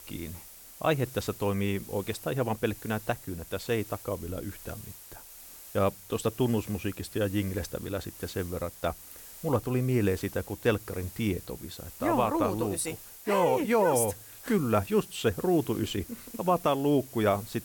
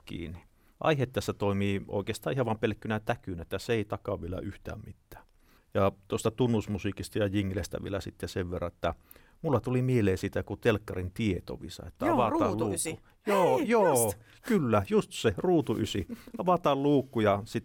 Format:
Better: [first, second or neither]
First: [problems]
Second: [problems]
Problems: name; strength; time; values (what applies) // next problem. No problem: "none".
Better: second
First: hiss; noticeable; throughout; 15 dB below the speech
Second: none